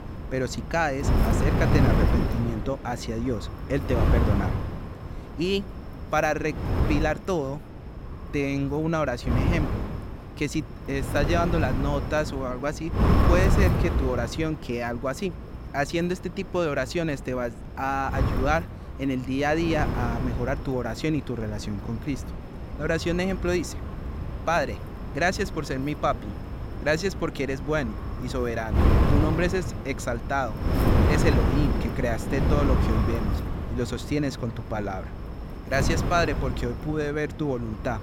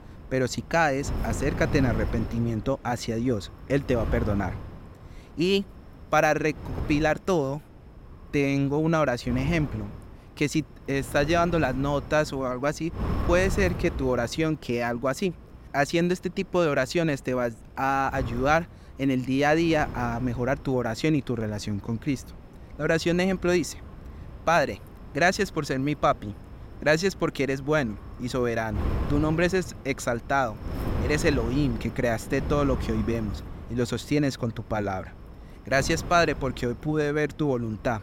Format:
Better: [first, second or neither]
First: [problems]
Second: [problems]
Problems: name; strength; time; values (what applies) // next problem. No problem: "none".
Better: second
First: wind noise on the microphone; heavy; 6 dB below the speech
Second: wind noise on the microphone; occasional gusts; 15 dB below the speech